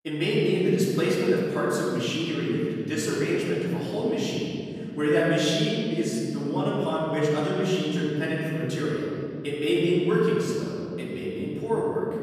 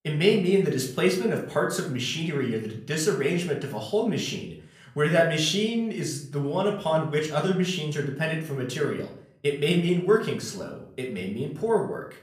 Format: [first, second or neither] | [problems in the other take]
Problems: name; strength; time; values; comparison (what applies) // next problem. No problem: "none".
second | room echo; strong; dies away in 2.7 s; slight in the second // off-mic speech; far; far in the second